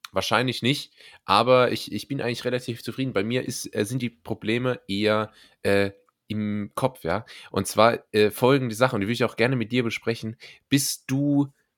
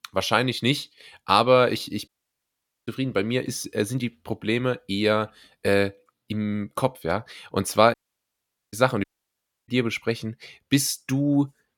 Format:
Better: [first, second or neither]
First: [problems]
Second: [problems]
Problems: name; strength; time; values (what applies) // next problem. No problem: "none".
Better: first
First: none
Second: audio cutting out; at 2 s for 1 s, at 8 s for 1 s and at 9 s for 0.5 s